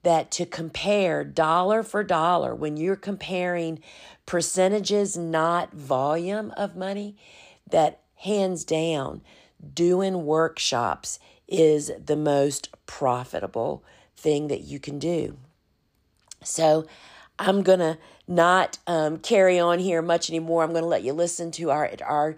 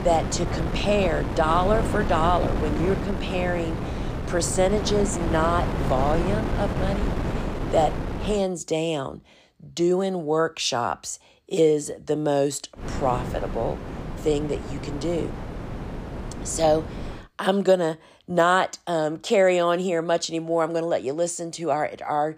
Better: first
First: none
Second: wind noise on the microphone; heavy; until 8.5 s and from 13 to 17 s; 9 dB below the speech

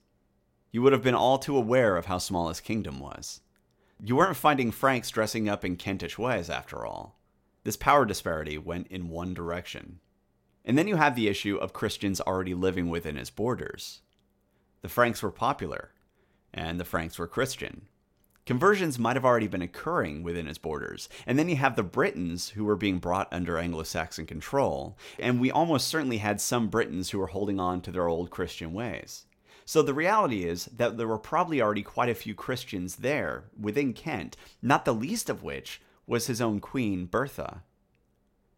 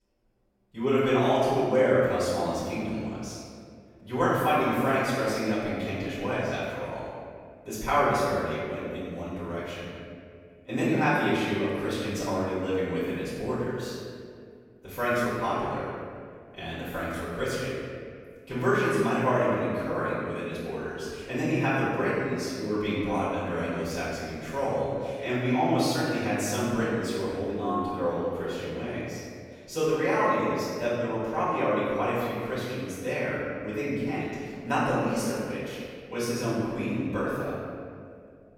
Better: first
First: none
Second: off-mic speech; far // room echo; strong; dies away in 1.9 s

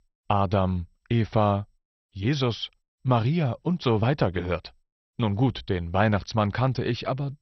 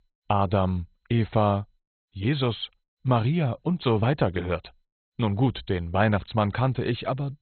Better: first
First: garbled, watery; slightly; nothing above 6 kHz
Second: garbled, watery; badly; nothing above 4 kHz

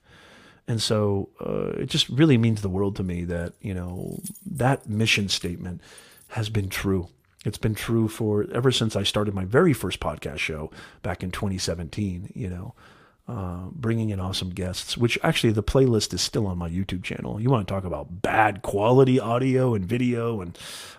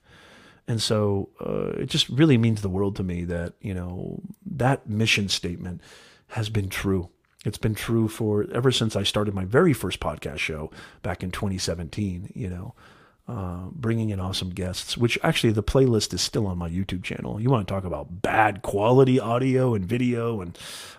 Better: second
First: jangling keys; faint; from 3.5 to 7 s; peak 15 dB below the speech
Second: none

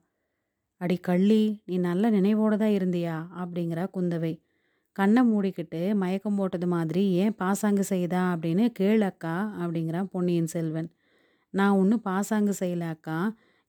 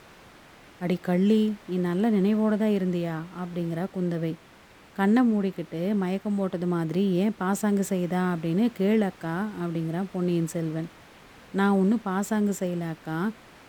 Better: first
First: none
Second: hiss; faint; throughout; 25 dB below the speech

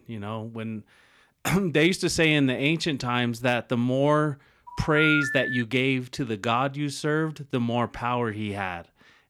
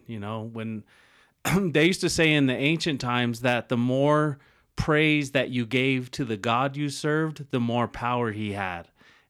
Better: second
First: phone ringing; noticeable; at 4.5 s; peak level with the speech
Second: none

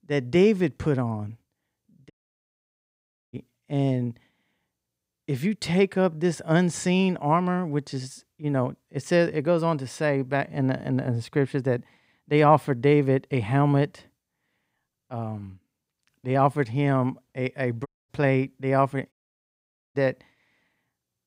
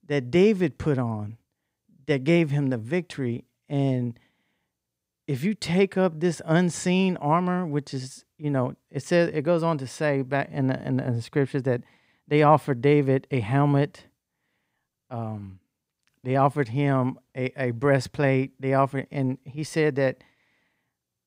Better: second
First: audio cutting out; at 2 s for 1 s, at 18 s and at 19 s for 1 s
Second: none

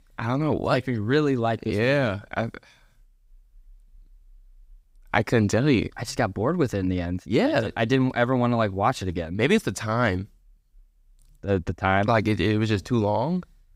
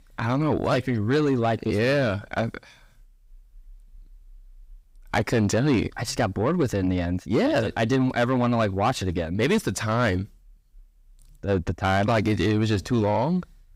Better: first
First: none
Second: distortion; slight; 10 dB below the speech

